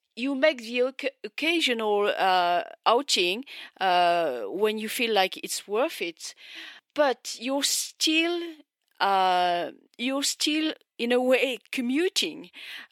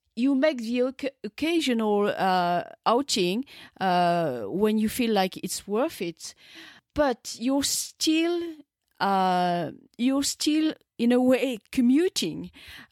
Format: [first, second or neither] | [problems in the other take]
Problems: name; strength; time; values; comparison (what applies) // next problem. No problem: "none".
second | thin; somewhat; fading below 450 Hz